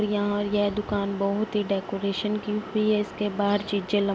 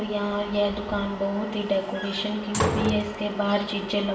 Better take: first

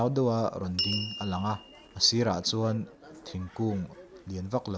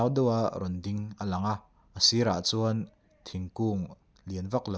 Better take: second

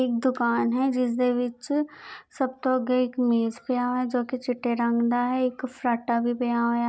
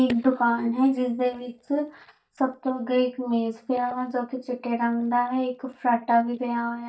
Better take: first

